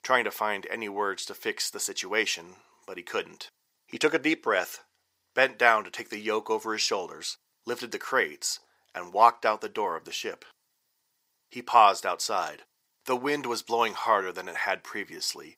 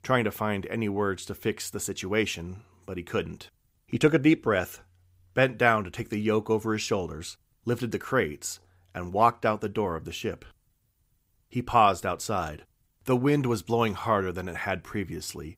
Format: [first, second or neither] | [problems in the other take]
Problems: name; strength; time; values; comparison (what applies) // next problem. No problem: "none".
second | thin; somewhat; fading below 450 Hz